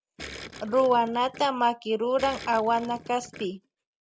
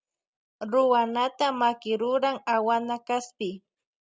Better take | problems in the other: second | background sound (Gurgling); 18 dB below the speech

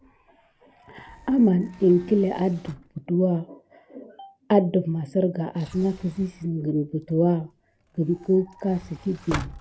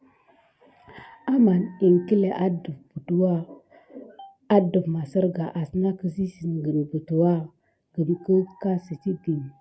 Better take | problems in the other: second | background sound (Sliding door); 19 dB below the speech

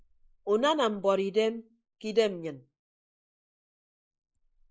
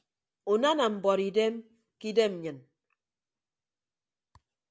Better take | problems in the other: second | noise reduction (neural mask model Resemble Enhance denoiser)

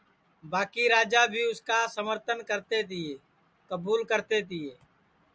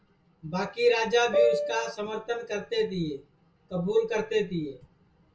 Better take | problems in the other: first | background sound (Piano); 4 dB above the speech // room echo; dies away in 0.2 s

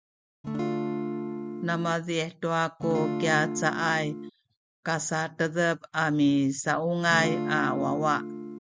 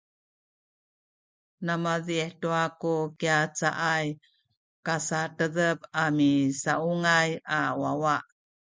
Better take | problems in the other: second | background sound (Acoustic guitar / Strum); 4 dB below the speech

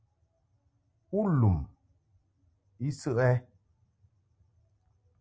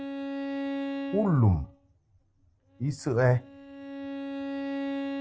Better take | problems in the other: first | background sound (Bowed string instrument); 6 dB below the speech

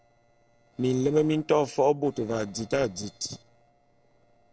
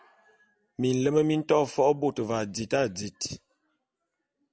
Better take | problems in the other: second | noise reduction (neural separator model SepFormer DNS4)

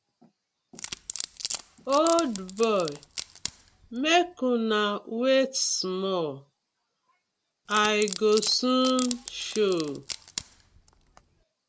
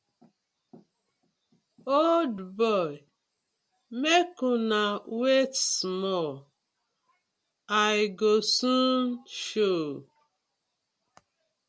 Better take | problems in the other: second | background sound (Wood); 11 dB below the speech

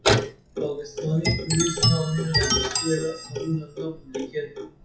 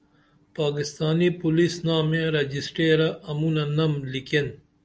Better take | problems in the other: second | noise reduction (classical method WPE with log-MMSE)

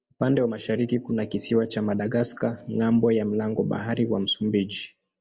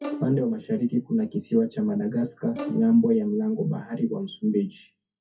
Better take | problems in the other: first | noise reduction (classical method WPE with log-MMSE)

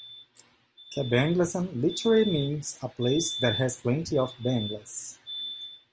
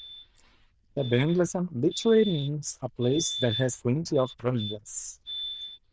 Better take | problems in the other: first | noise reduction (neural diffusion model UNIVERSE++)

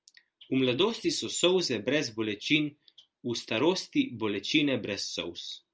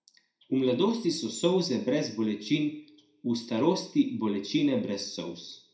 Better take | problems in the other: first | room echo; dies away in 0.4 s

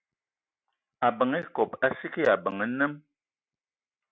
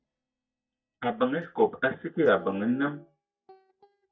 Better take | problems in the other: first | noise reduction (neural mask model DeepFilterNet 3)

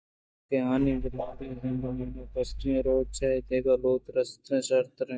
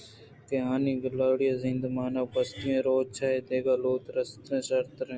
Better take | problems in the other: second | noise reduction (neural mask model DeepFilterNet 3)

